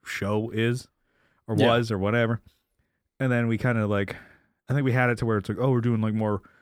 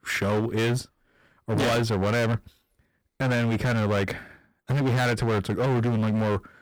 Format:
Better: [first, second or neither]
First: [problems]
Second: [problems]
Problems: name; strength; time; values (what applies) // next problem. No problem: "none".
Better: first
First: none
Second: distortion; heavy; 27% of the sound clipped